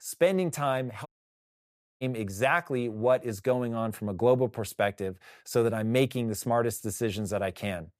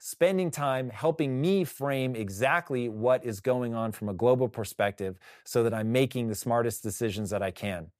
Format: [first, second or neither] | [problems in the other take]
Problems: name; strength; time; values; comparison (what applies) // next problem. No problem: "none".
second | audio cutting out; at 1 s for 1 s